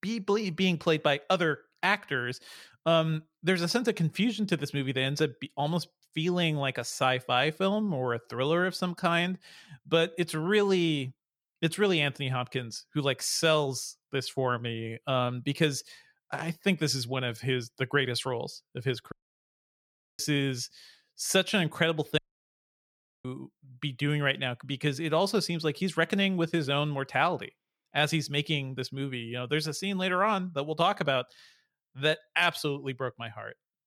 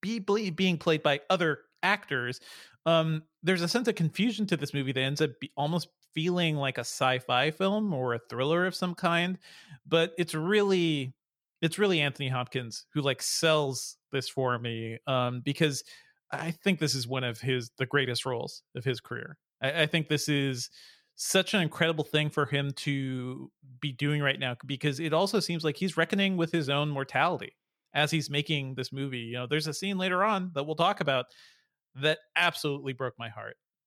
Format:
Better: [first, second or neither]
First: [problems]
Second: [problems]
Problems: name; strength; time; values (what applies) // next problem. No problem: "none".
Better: second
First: audio cutting out; at 19 s for 1 s and at 22 s for 1 s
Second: none